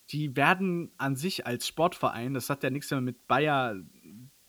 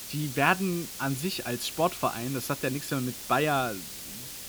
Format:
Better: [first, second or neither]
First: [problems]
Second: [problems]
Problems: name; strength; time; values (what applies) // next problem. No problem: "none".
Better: first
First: hiss; faint; throughout; 30 dB below the speech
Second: hiss; loud; throughout; 8 dB below the speech